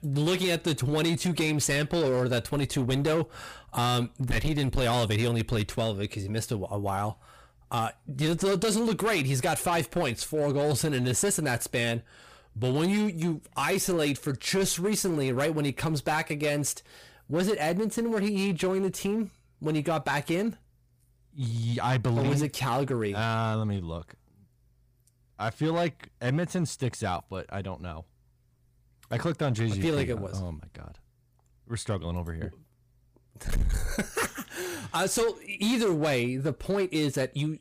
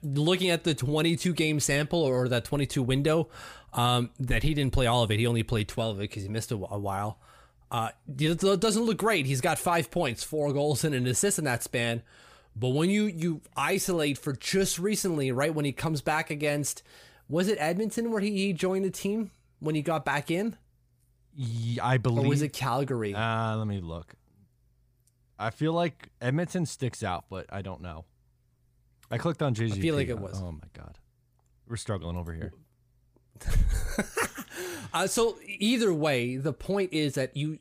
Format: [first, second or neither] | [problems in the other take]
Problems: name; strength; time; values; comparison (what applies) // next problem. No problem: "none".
second | distortion; slight; 9% of the sound clipped